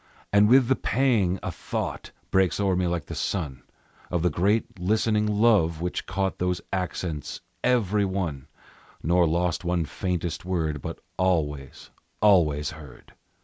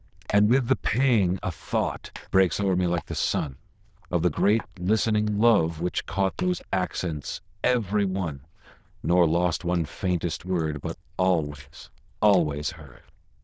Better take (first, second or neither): first